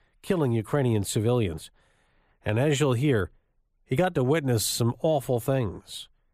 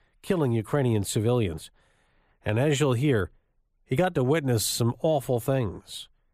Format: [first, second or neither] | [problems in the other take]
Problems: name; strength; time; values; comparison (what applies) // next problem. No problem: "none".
neither | none